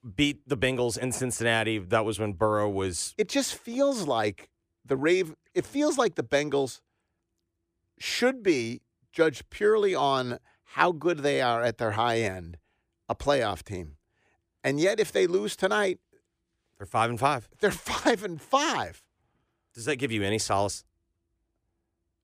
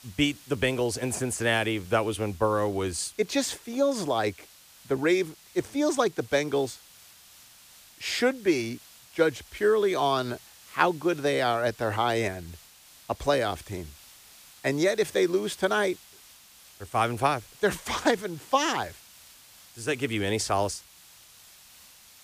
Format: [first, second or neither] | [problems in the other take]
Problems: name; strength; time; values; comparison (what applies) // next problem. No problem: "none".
first | hiss; faint; throughout; 20 dB below the speech